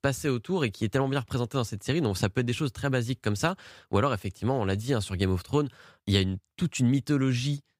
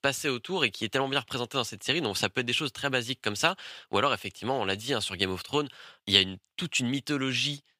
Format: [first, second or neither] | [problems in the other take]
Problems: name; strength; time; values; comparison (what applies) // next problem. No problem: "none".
first | thin; somewhat; fading below 950 Hz